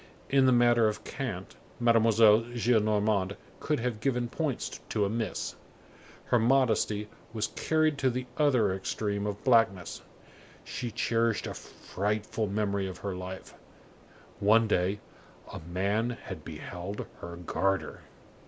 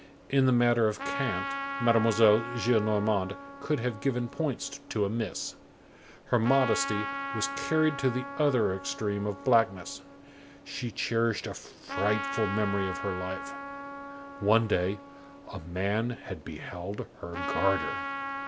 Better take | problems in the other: first | background sound (Trumpet); 9 dB below the speech

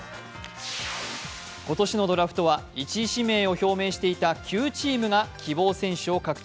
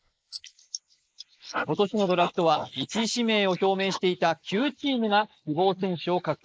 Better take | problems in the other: first | noise reduction (neural mask model Resemble Enhance denoiser)

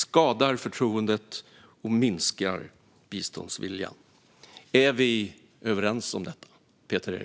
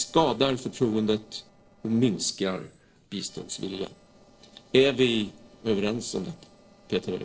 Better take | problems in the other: first | noise reduction (neural separator model SepFormer DNS4)

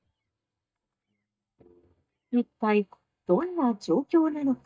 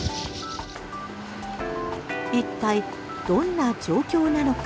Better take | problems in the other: second | noise reduction (neural mask model DeepFilterNet 3)

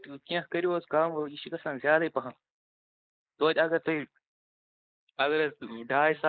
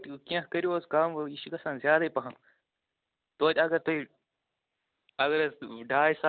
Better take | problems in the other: second | noise reduction (neural mask model Resemble Enhance denoiser)

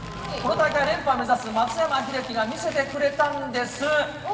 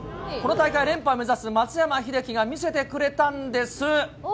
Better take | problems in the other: second | background sound (Crumpling, crinkling); 17 dB below the speech // room echo; dies away in 2.5 s

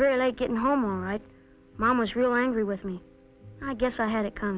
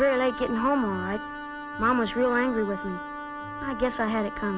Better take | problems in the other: first | background sound (Wind instrument, woodwind instrument); 9 dB below the speech

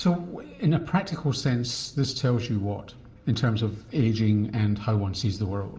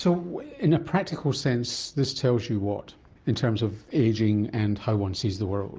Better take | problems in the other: second | room echo; dies away in 0.9 s

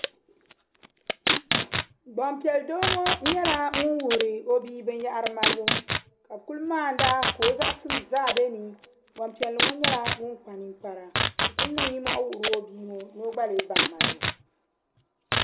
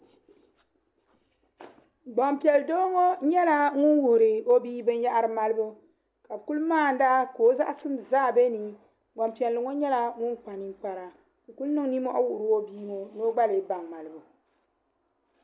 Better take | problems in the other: second | background sound (Packing tape, duct tape); as loud as the speech // room echo; dies away in 0.4 s

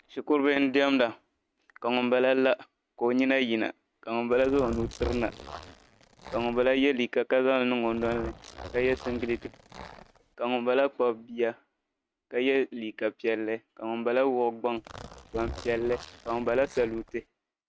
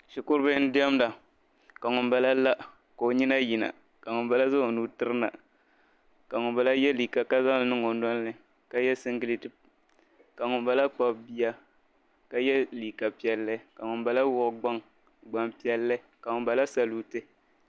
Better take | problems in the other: second | noise reduction (neural mask model RNNoise)

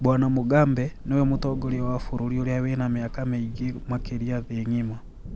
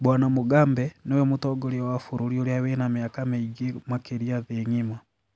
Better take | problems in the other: second | background sound (Thunder / Rain); 10 dB below the speech

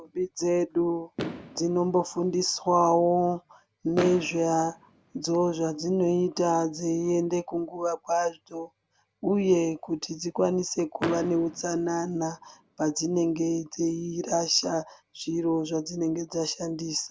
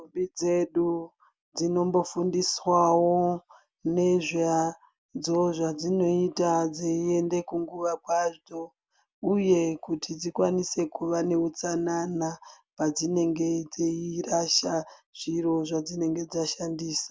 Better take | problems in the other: second | background sound (Fireworks); 16 dB below the speech

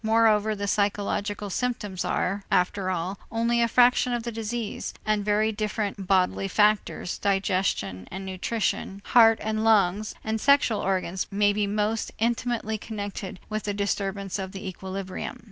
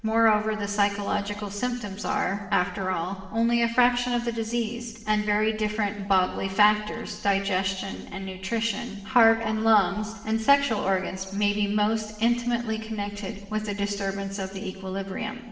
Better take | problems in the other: first | room echo; dies away in 1.1 s

